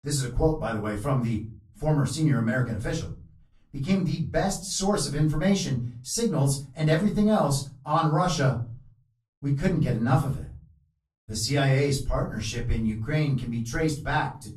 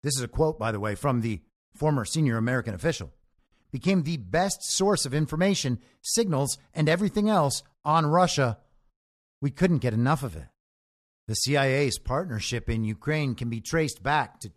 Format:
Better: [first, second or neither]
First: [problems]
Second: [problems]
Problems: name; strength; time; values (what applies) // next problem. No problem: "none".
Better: second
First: off-mic speech; far // room echo; slight; dies away in 0.3 s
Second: none